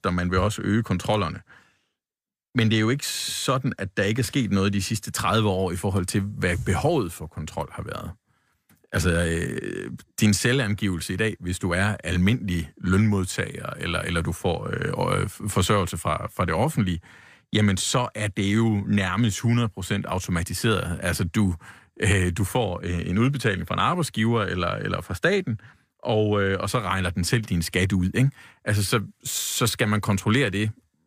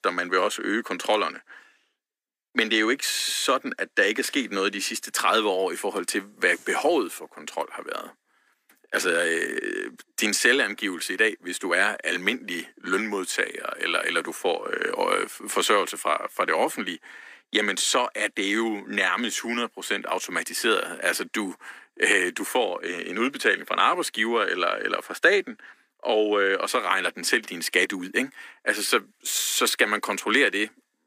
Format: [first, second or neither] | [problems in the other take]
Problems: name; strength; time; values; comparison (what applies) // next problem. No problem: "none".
first | thin; very; fading below 250 Hz